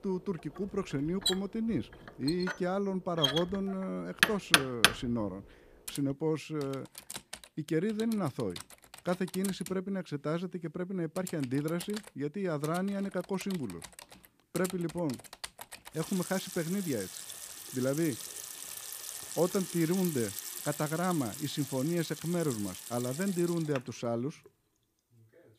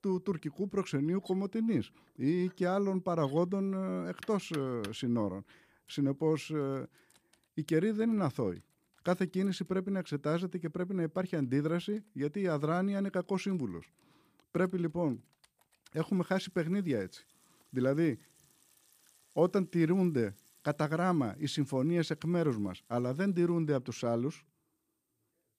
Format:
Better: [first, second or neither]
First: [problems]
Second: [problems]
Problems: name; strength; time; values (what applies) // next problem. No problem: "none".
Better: second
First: household noises; loud; throughout; 2 dB below the speech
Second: household noises; faint; throughout; 25 dB below the speech